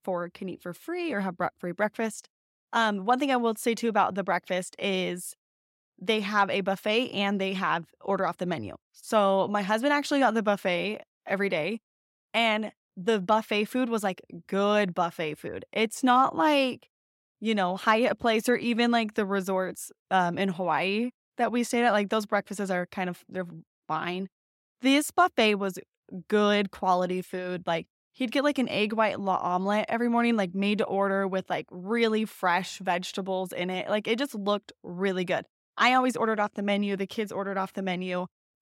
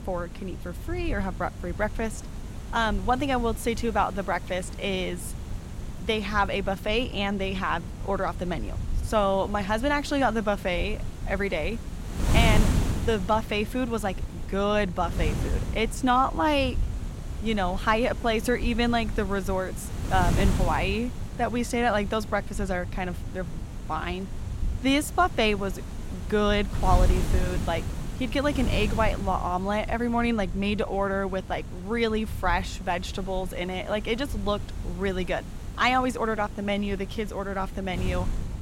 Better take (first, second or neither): first